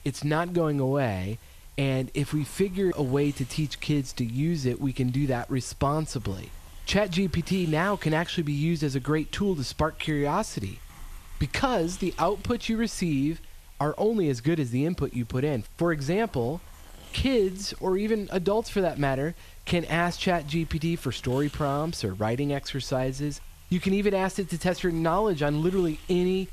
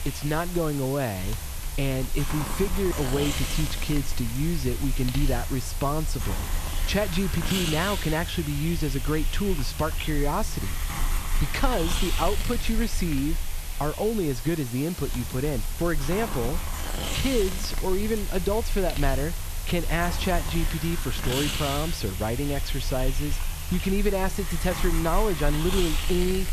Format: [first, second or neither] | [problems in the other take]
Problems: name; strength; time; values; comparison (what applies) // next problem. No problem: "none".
first | hiss; loud; throughout; 3 dB below the speech; faint in the first